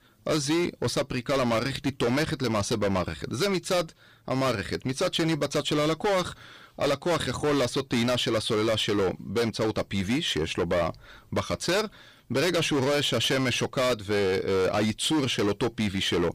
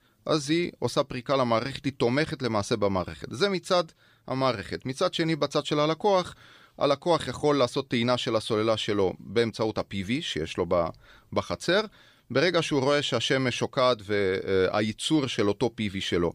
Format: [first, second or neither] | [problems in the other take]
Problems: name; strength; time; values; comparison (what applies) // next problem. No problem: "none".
second | distortion; heavy; 19% of the sound clipped